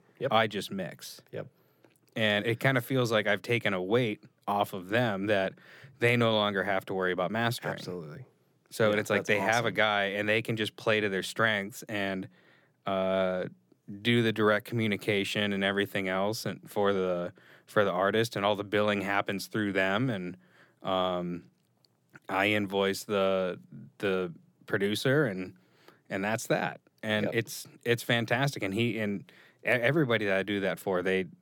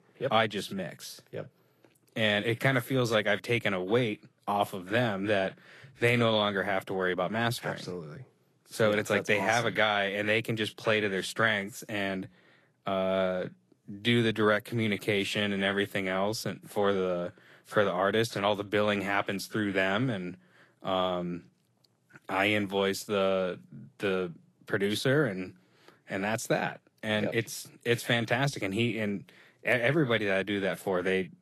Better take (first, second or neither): first